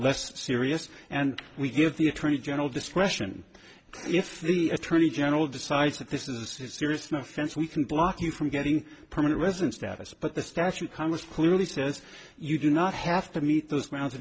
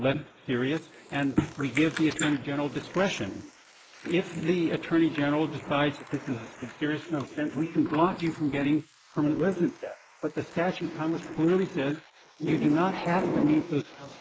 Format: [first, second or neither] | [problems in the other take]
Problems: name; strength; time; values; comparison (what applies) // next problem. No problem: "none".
first | noise reduction (neural mask model Resemble Enhance denoiser)